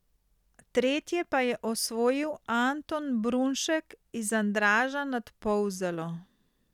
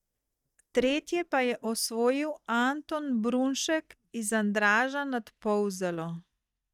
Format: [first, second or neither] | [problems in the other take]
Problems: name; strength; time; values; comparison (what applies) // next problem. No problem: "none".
first | noise reduction (neural mask model DeepFilterNet 3)